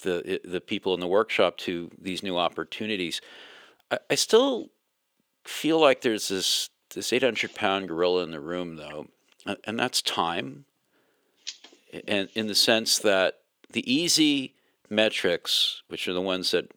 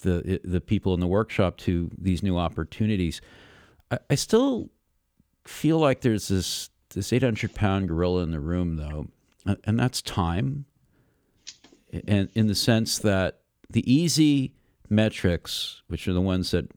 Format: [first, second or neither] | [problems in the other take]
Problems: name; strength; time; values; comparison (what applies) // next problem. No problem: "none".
second | thin; somewhat; fading below 450 Hz